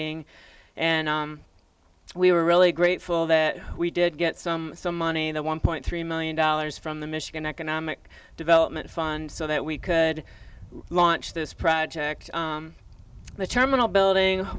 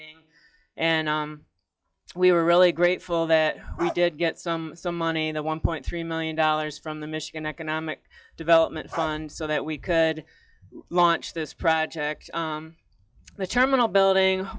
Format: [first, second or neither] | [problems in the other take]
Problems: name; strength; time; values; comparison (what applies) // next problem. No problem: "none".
first | noise reduction (classical method log-MMSE)